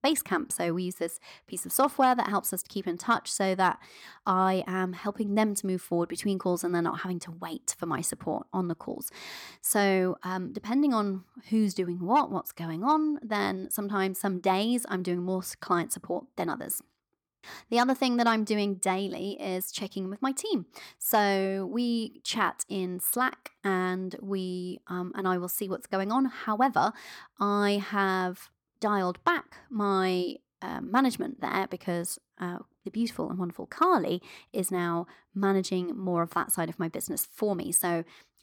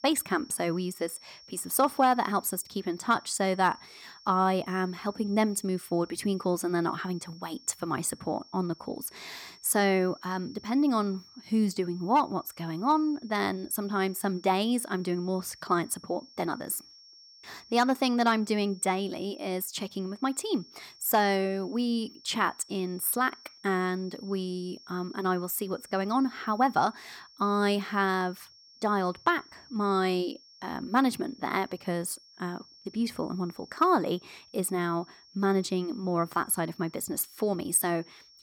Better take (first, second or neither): first